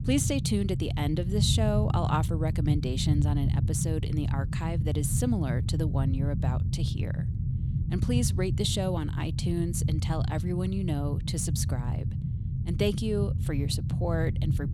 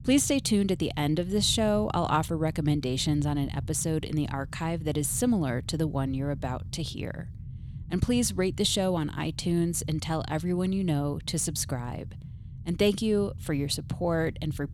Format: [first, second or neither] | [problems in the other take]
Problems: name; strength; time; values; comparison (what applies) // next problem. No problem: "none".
second | low rumble; loud; throughout; 8 dB below the speech; faint in the second